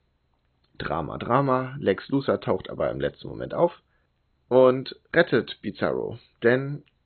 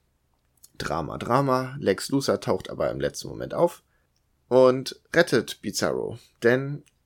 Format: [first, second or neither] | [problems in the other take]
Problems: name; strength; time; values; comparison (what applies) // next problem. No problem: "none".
second | garbled, watery; badly; nothing above 4 kHz